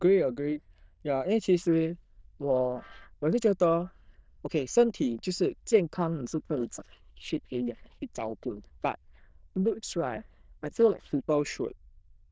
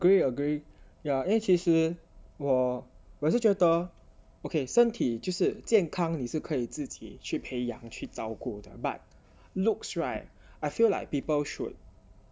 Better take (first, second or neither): second